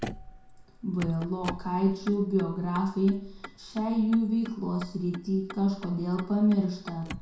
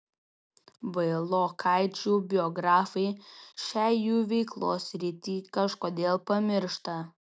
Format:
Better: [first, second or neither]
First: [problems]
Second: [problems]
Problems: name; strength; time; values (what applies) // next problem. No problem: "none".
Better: second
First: background sound (Motor vehicle (road)); 14 dB below the speech // room echo; dies away in 0.6 s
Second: none